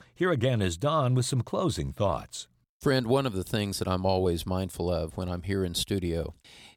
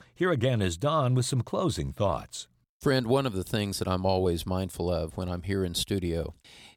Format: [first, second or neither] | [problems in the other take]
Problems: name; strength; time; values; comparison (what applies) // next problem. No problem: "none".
neither | none